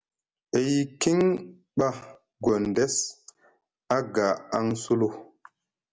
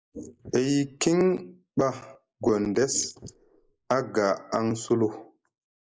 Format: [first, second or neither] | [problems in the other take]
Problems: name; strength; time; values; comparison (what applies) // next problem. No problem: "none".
first | noise reduction (neural mask model Resemble Enhance denoiser)